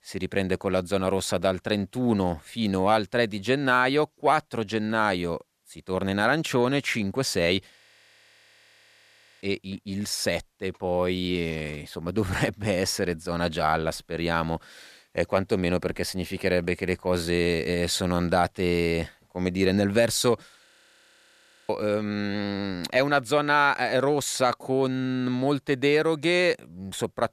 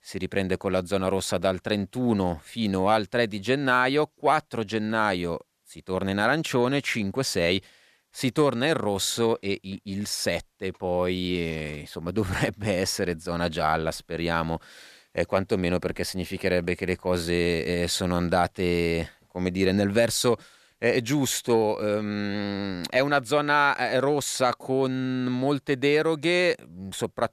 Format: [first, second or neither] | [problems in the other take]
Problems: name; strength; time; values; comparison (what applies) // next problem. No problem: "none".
second | audio freezing; at 8 s for 1.5 s and at 21 s for 1 s